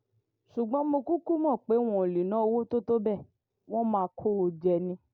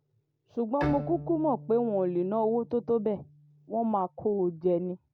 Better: first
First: none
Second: background sound (Bowed string instrument); 13 dB below the speech

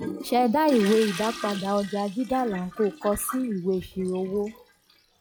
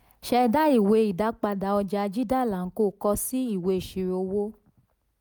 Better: second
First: noise reduction (classical method log-MMSE)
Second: none

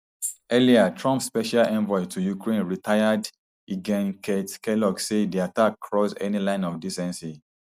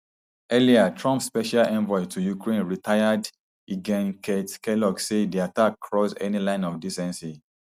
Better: second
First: noise reduction (neural mask model Resemble Enhance denoiser)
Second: none

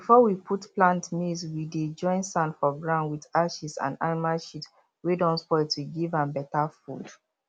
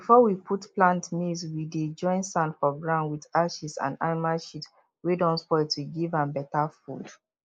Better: first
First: none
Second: noise reduction (neural mask model Resemble Enhance denoiser)

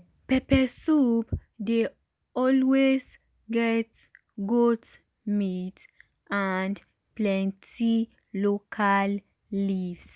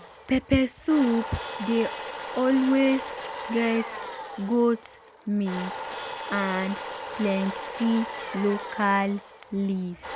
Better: first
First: none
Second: background sound (Domestic sounds, home sounds); 10 dB below the speech

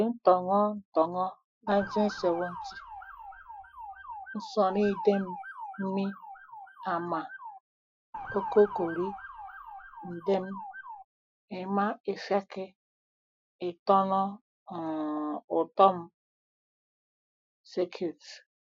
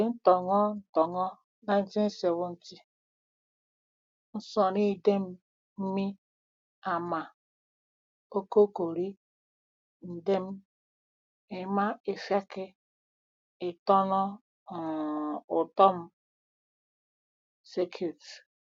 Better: second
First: noise reduction (classical method Wiener filter)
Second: none

